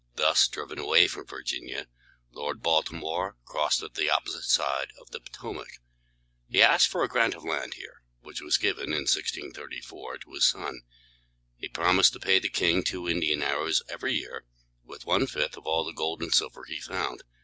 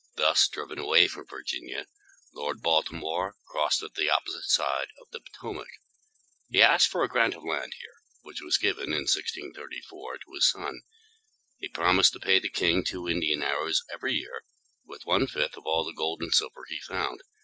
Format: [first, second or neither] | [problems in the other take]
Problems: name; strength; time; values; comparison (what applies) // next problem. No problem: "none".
first | noise reduction (classical method Wiener filter)